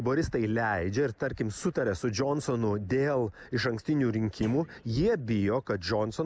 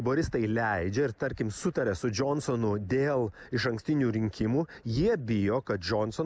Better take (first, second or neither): second